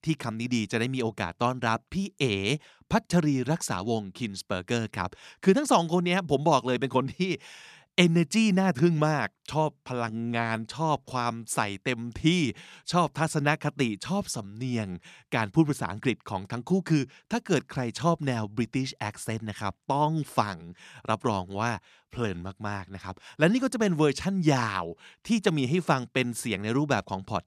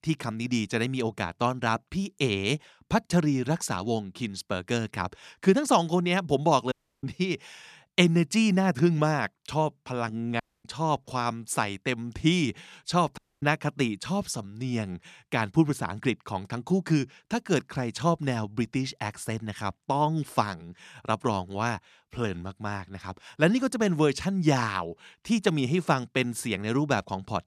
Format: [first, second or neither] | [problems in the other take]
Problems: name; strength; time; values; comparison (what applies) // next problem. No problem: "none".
first | audio cutting out; at 6.5 s, at 10 s and at 13 s